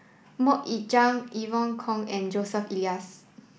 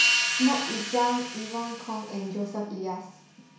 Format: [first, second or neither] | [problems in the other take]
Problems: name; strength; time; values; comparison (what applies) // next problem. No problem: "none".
first | background sound (Hi-hat); as loud as the speech // room echo; dies away in 0.6 s